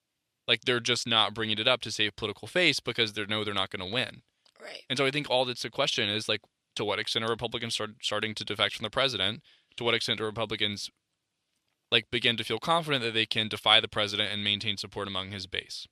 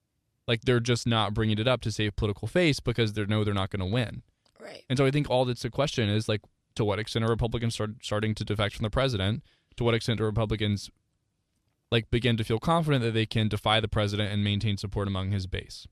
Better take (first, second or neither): second